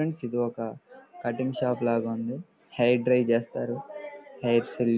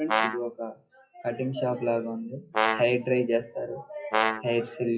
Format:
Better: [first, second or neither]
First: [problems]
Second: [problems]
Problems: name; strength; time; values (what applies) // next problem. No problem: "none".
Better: first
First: none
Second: noise reduction (classical method WPE with log-MMSE)